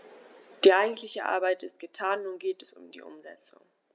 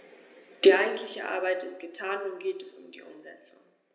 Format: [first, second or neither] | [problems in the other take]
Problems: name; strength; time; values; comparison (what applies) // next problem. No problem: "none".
first | room echo; dies away in 0.8 s